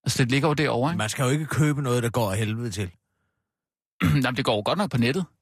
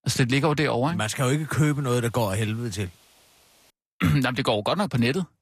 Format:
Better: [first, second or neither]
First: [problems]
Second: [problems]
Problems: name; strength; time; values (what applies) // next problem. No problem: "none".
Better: first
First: none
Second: hiss; faint; from 1 to 3.5 s; 30 dB below the speech